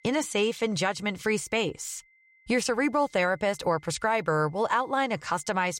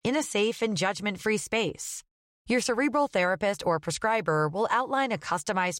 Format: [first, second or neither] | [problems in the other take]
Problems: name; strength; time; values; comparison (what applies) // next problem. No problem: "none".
second | high-pitched whine; faint; throughout; 2 kHz, 35 dB below the speech